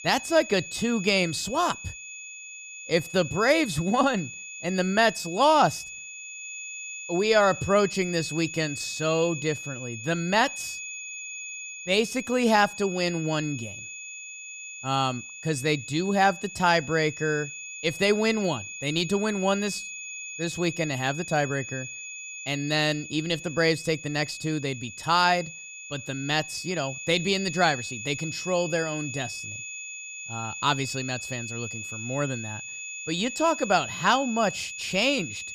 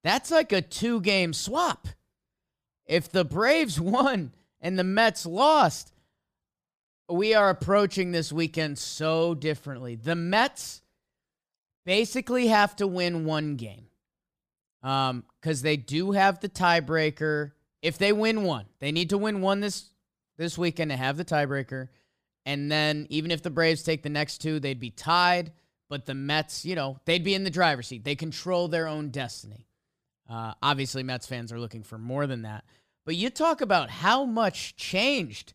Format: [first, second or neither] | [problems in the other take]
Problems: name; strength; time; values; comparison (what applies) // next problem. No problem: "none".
second | high-pitched whine; noticeable; throughout; 2.5 kHz, 10 dB below the speech